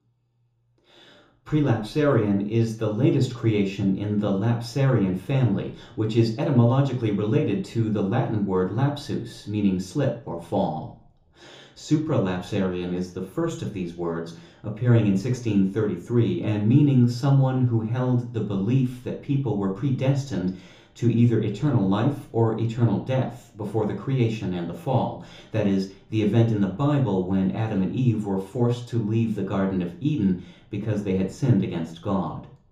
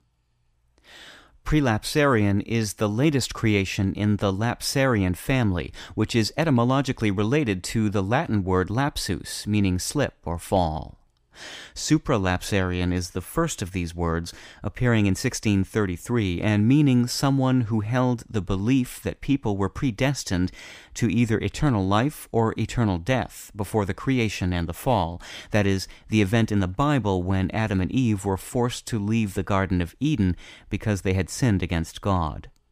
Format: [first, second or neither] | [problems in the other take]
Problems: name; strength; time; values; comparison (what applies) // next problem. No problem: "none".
second | room echo; noticeable; dies away in 0.6 s // off-mic speech; far